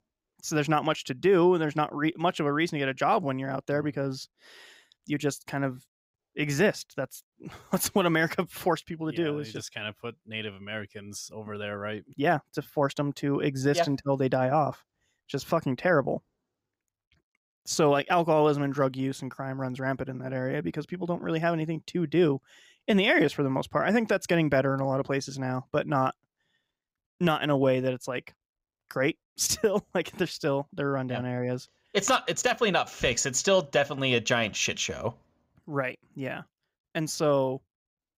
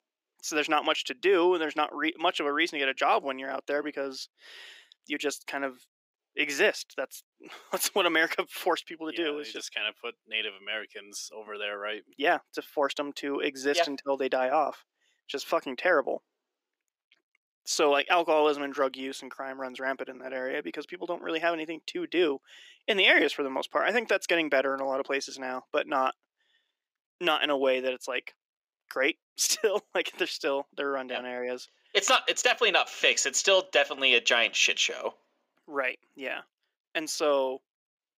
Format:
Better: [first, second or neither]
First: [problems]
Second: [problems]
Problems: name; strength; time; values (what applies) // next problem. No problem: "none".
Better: first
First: none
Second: thin; somewhat; fading below 300 Hz